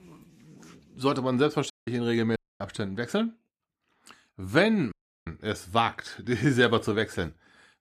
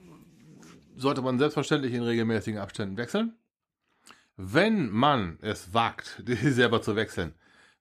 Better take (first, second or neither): second